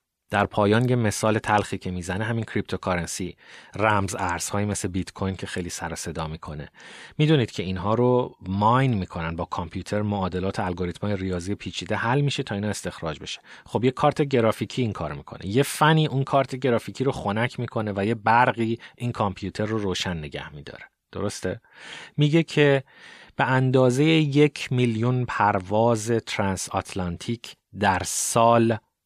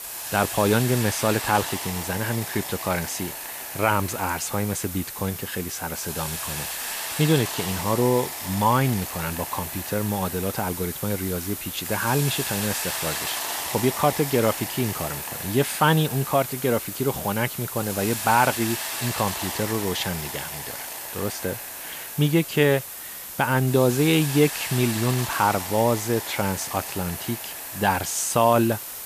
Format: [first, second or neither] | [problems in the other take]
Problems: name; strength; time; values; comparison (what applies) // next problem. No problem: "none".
first | hiss; loud; throughout; 5 dB below the speech